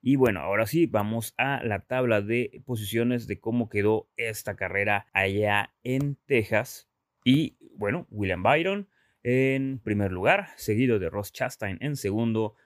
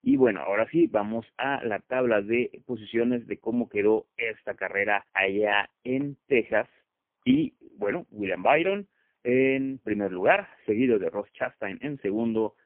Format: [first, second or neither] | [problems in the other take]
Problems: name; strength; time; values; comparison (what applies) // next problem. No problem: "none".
first | phone-call audio; poor line; nothing above 3 kHz